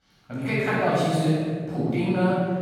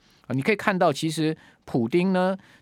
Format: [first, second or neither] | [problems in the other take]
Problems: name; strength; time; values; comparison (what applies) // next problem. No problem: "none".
second | off-mic speech; far // room echo; strong; dies away in 2.4 s